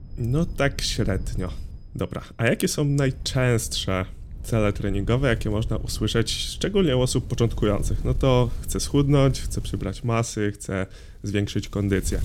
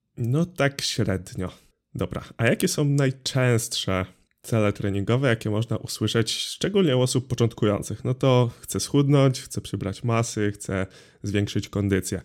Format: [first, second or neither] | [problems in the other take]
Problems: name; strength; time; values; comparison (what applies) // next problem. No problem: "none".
second | wind noise on the microphone; occasional gusts; 25 dB below the speech